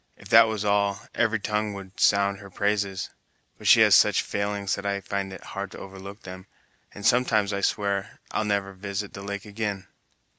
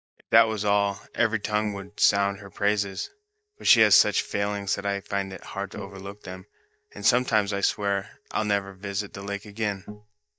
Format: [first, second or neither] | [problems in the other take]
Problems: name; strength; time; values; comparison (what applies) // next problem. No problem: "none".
first | noise reduction (neural mask model DeepFilterNet 3)